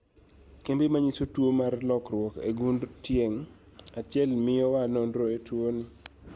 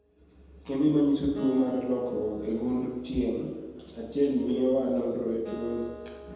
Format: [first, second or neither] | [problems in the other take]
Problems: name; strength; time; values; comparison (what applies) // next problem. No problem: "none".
first | background sound (Acoustic guitar); 18 dB below the speech // room echo; dies away in 1.1 s